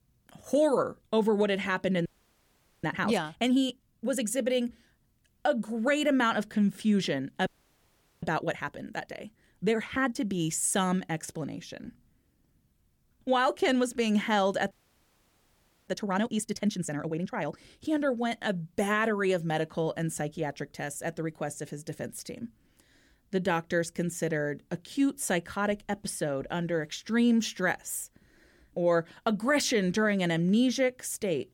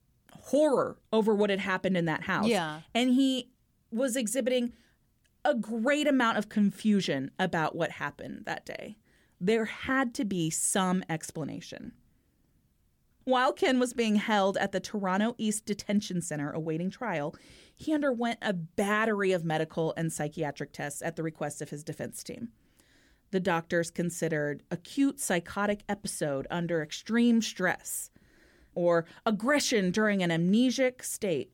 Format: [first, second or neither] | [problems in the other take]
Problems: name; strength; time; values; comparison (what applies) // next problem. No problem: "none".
second | audio freezing; at 2 s for 1 s, at 7.5 s for 1 s and at 15 s for 1 s